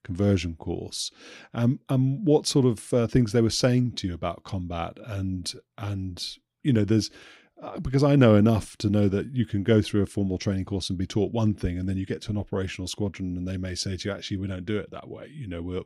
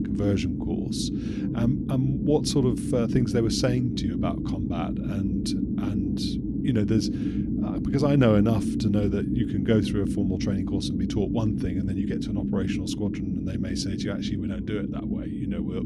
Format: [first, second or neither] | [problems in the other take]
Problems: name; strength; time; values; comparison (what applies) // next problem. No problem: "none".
first | low rumble; loud; throughout; 3 dB below the speech